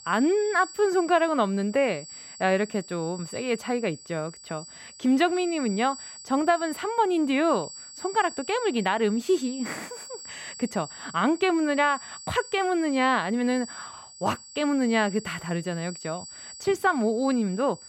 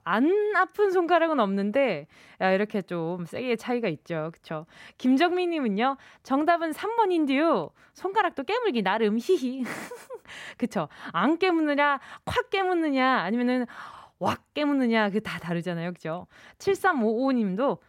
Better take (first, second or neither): second